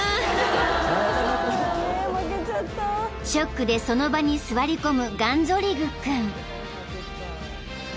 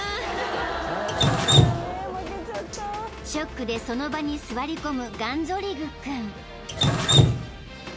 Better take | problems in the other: first | background sound (Drip); 3 dB above the speech

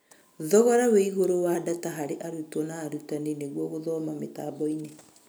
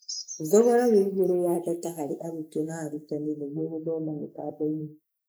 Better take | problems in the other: first | noise reduction (neural mask model Resemble Enhance denoiser)

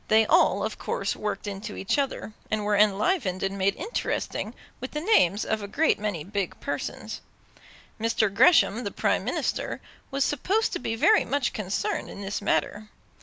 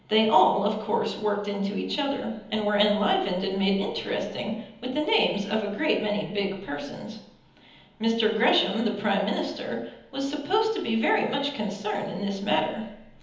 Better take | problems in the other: first | room echo; dies away in 1.3 s

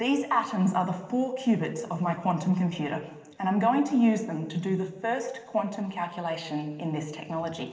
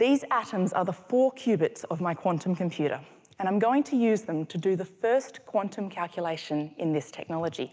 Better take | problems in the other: second | room echo; dies away in 0.9 s

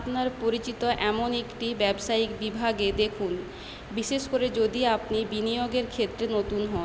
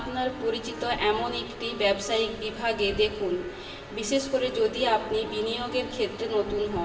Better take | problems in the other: first | background sound (Wind instrument, woodwind instrument); 16 dB below the speech // room echo; dies away in 0.9 s

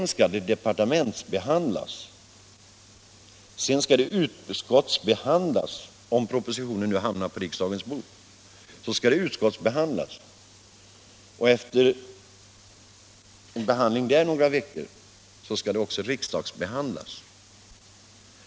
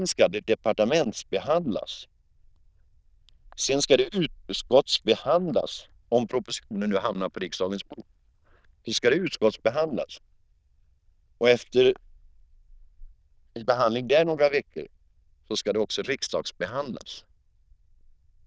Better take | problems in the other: first | noise reduction (neural diffusion model UNIVERSE++)

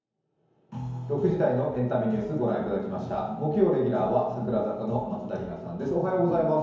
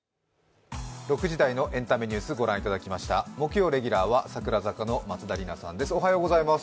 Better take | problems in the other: second | room echo; dies away in 1 s

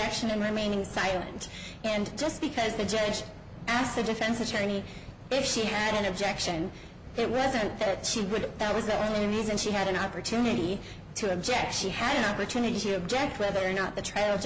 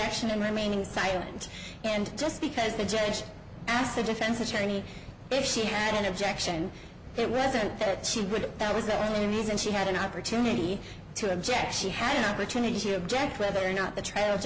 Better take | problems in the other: first | background sound (Cowbell); 19 dB below the speech

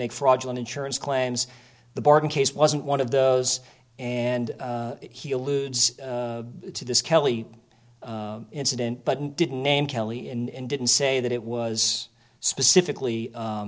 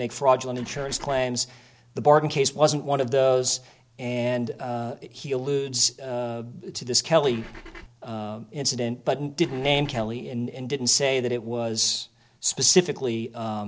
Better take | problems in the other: first | background sound (Engine / Car); 16 dB below the speech

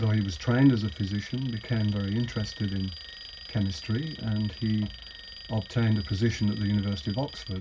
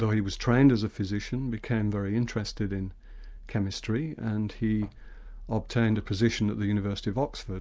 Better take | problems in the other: second | background sound (Alarm); 17 dB below the speech // room echo; dies away in 0.4 s

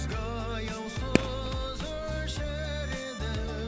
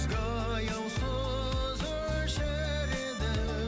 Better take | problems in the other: second | background sound (Fireworks); 2 dB below the speech

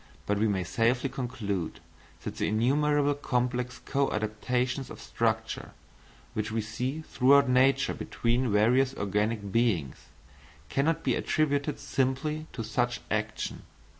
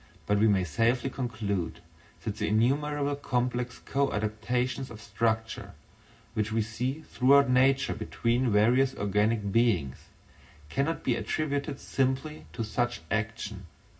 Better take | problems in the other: first | room echo; dies away in 0.4 s

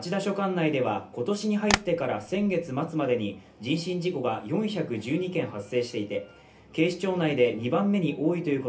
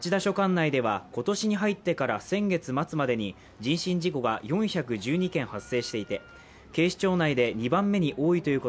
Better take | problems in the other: second | background sound (Tap); 5 dB below the speech // room echo; dies away in 0.3 s

